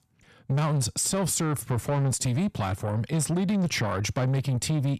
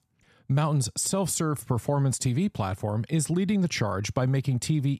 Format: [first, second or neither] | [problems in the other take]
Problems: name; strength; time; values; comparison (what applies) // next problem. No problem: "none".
second | distortion; slight; 10 dB below the speech